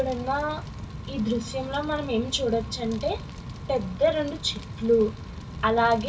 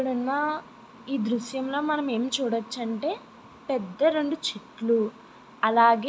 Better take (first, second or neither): second